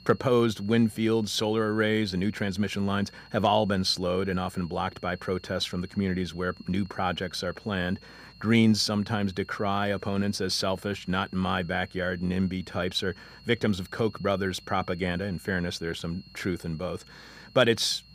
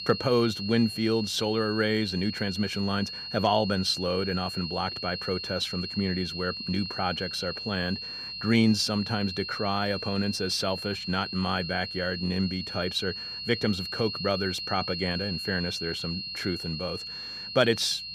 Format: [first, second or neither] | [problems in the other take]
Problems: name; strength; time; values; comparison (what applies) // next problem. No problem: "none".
first | high-pitched whine; loud; throughout; 4.5 kHz, 5 dB below the speech; faint in the first